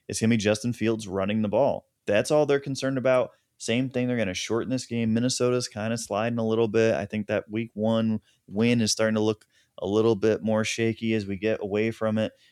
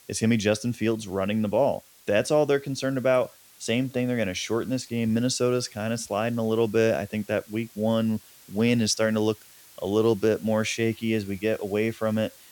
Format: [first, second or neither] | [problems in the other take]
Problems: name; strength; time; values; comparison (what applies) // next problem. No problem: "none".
first | hiss; faint; throughout; 25 dB below the speech